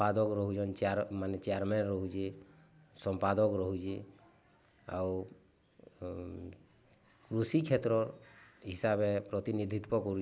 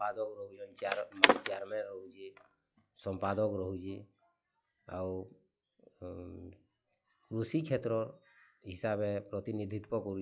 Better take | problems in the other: first | noise reduction (classical method log-MMSE)

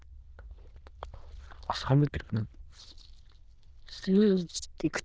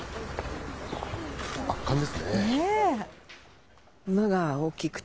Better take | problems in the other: second | noise reduction (neural diffusion model UNIVERSE++)

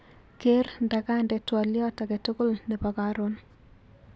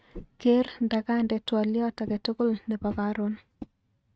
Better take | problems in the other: first | noise reduction (neural mask model RNNoise)

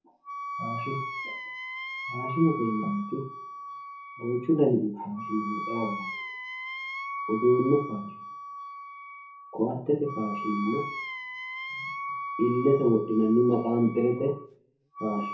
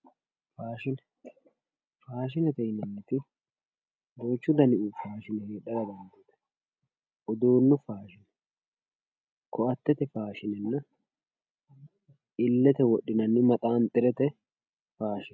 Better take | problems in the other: second | background sound (Wind instrument, woodwind instrument); 8 dB below the speech // room echo; dies away in 0.5 s

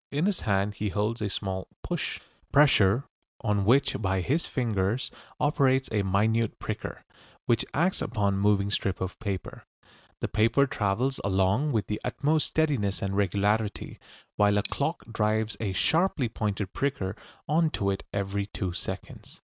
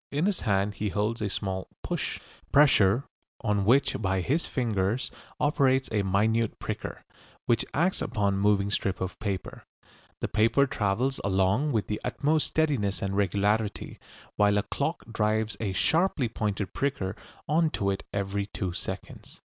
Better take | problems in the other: second | noise reduction (neural mask model RNNoise)

